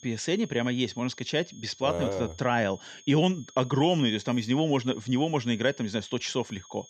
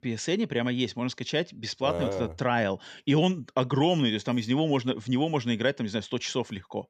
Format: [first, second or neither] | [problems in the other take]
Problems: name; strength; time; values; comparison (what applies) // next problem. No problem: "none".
second | high-pitched whine; faint; throughout; 6.5 kHz, 20 dB below the speech